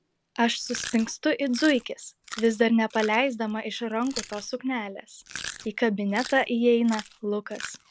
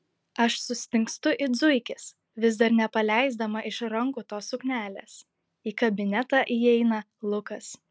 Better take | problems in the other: second | background sound (Chewing, mastication); 16 dB below the speech

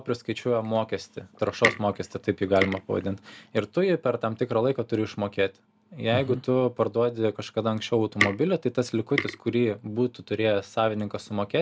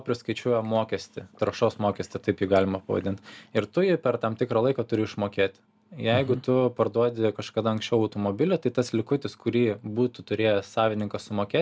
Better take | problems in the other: second | background sound (Tick); 6 dB below the speech

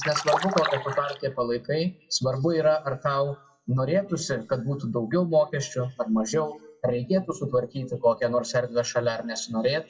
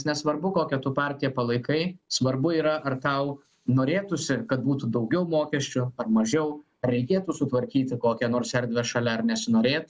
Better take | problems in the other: second | noise reduction (classical method WPE with log-MMSE)

